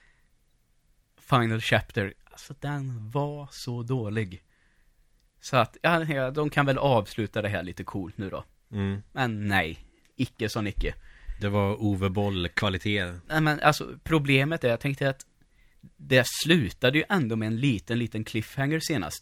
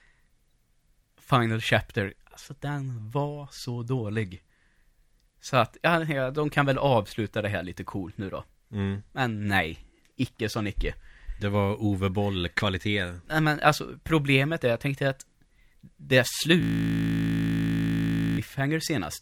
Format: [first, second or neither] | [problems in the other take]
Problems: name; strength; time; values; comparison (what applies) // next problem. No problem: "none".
first | audio freezing; at 17 s for 2 s